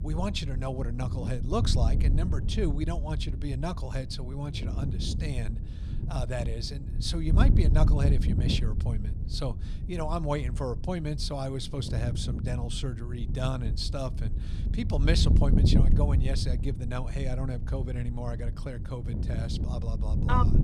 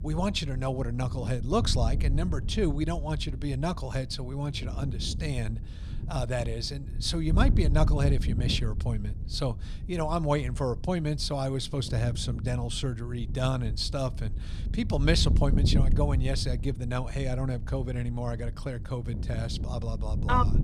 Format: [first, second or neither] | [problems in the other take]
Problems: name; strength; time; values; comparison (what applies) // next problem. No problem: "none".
second | wind noise on the microphone; heavy; 7 dB below the speech; occasional gusts in the second